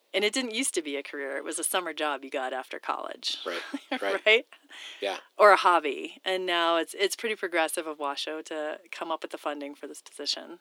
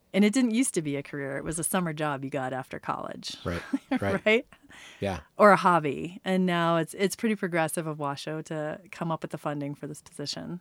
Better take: second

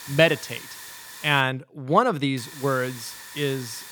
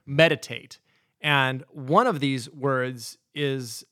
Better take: second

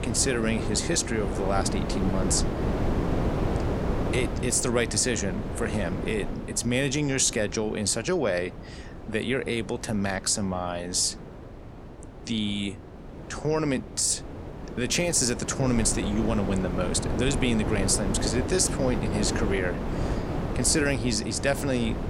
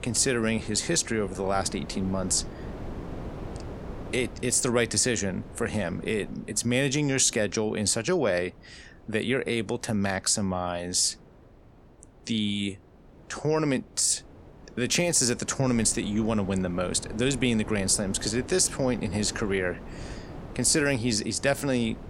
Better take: second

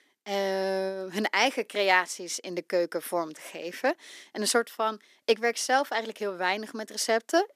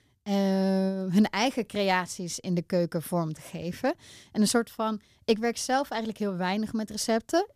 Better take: second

